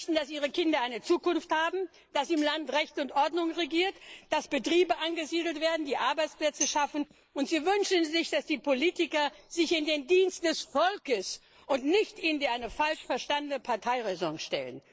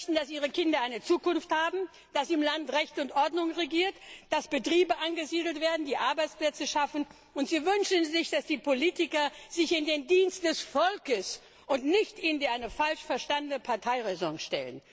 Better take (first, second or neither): second